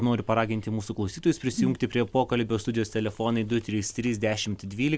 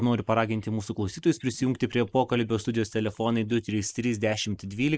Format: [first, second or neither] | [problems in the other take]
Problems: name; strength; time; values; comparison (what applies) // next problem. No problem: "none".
first | noise reduction (neural mask model Resemble Enhance denoiser)